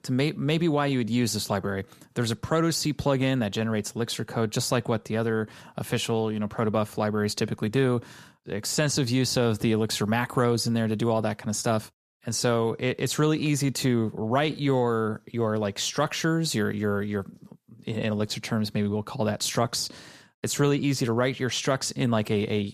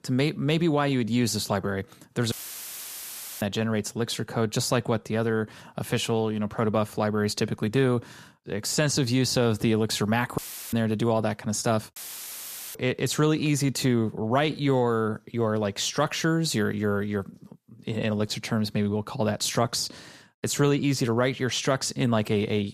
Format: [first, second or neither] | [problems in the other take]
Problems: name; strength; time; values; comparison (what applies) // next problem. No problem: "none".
first | audio cutting out; filled with static; at 2.5 s for 1 s, at 10 s and at 12 s for 1 s